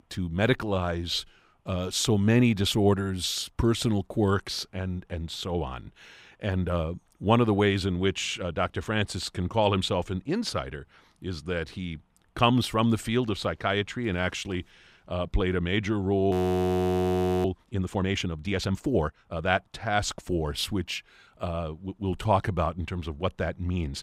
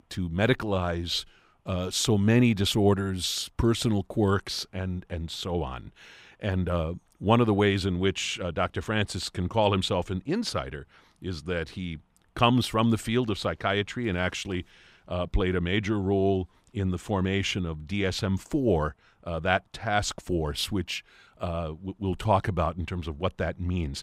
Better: second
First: audio freezing; at 16 s for 1 s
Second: none

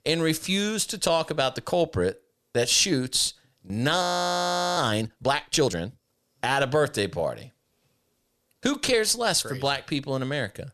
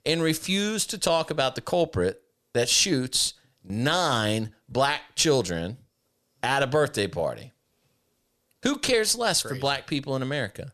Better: second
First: audio freezing; at 4 s for 1 s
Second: none

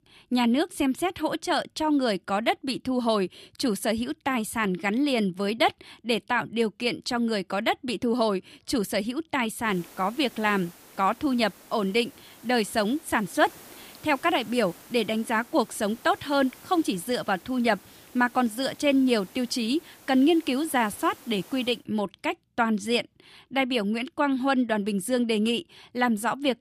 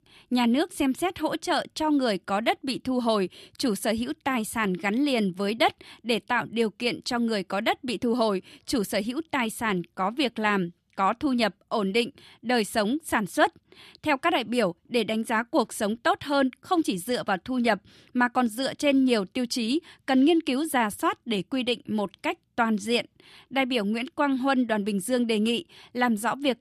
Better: second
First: hiss; faint; from 9.5 to 22 s; 20 dB below the speech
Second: none

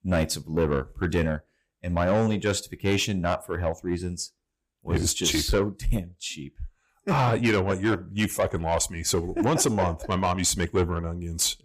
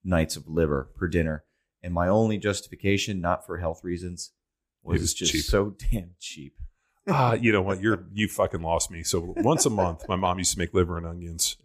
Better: second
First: distortion; slight; 10 dB below the speech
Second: none

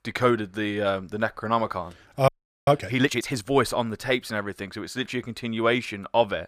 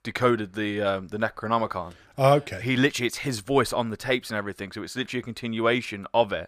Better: second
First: audio freezing; at 2.5 s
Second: none

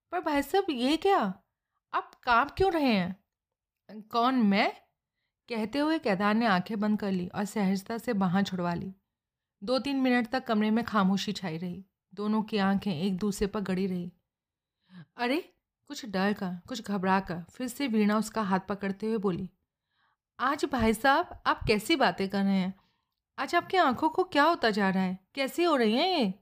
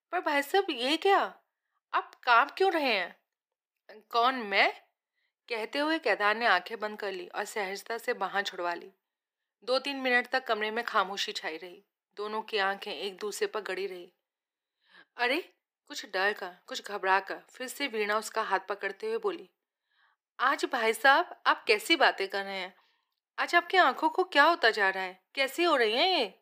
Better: first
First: none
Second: thin; very; fading below 350 Hz

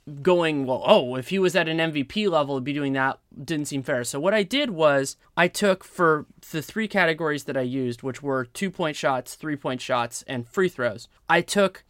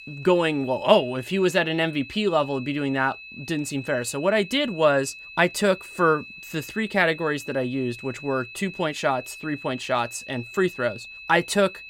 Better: first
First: none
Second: high-pitched whine; noticeable; throughout; 2.5 kHz, 15 dB below the speech

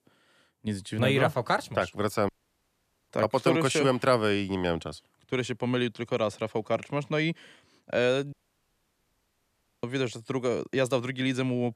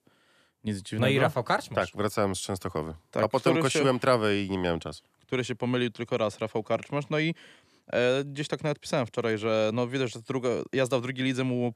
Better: second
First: audio cutting out; at 2.5 s for 1 s and at 8.5 s for 1.5 s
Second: none

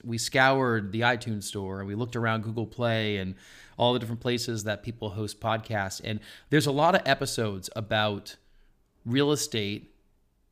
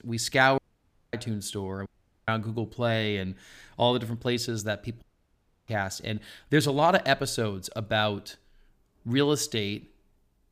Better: first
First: none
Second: audio cutting out; at 0.5 s for 0.5 s, at 2 s and at 5 s for 0.5 s

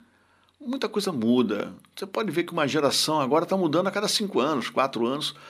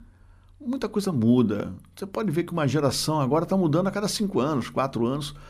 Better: second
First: thin; very slightly; fading below 250 Hz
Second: none

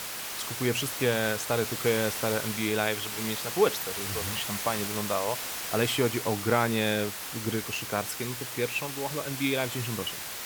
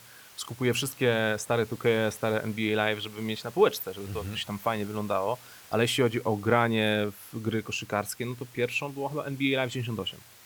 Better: second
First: hiss; loud; throughout; 3 dB below the speech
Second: hiss; faint; throughout; 20 dB below the speech

